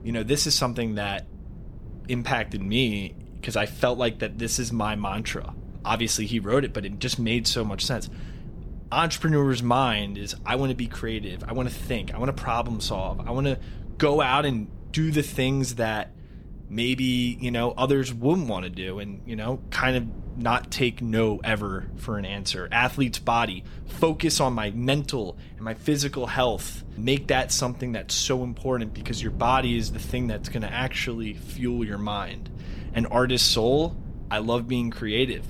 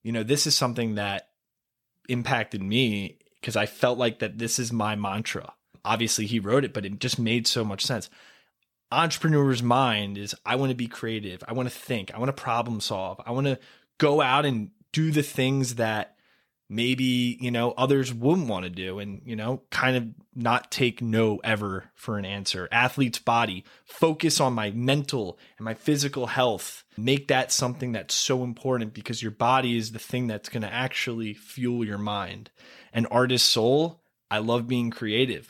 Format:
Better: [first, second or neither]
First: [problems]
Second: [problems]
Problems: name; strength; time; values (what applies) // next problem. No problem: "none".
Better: second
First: low rumble; faint; throughout; 25 dB below the speech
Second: none